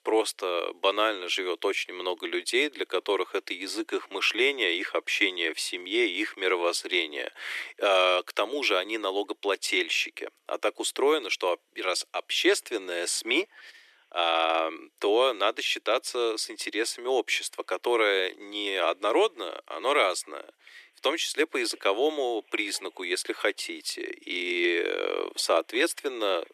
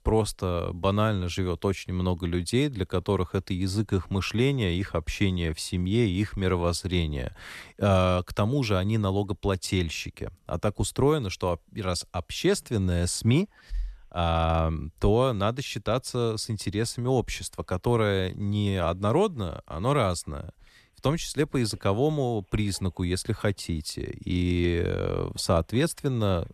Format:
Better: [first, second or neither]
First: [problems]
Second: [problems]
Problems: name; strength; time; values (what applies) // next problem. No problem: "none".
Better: second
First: thin; very; fading below 300 Hz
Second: none